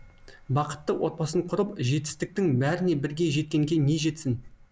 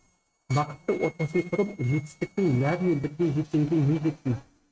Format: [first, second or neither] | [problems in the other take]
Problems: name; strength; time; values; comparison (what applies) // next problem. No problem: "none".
first | noise reduction (neural mask model RNNoise)